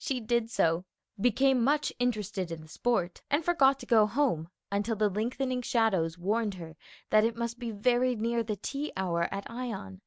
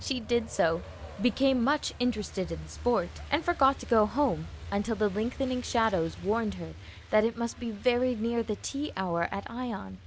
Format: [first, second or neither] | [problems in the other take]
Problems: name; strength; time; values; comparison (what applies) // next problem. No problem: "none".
first | background sound (Truck); 15 dB below the speech